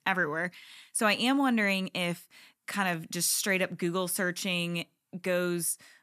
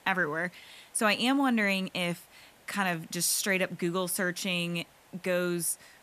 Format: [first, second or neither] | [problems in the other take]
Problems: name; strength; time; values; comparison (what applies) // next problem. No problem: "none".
first | hiss; faint; throughout; 30 dB below the speech